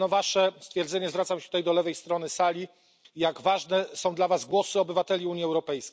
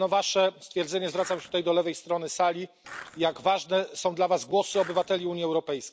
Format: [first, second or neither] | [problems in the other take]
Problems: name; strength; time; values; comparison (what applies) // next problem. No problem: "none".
first | background sound (Skateboard); 17 dB below the speech